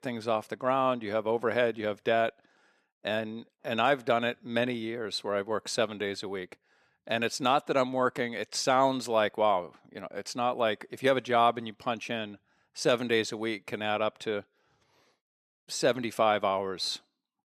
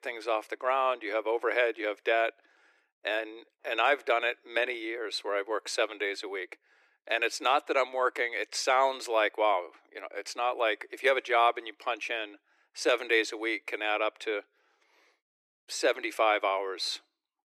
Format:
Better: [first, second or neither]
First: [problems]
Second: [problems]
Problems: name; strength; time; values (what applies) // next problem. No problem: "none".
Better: first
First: none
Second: thin; very; fading below 300 Hz